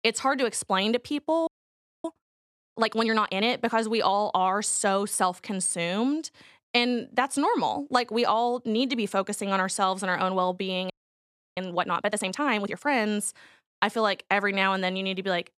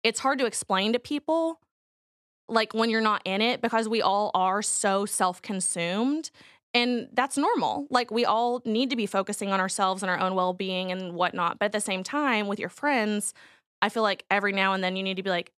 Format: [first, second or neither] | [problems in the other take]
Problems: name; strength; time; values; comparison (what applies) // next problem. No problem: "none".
second | audio freezing; at 1.5 s for 0.5 s and at 11 s for 0.5 s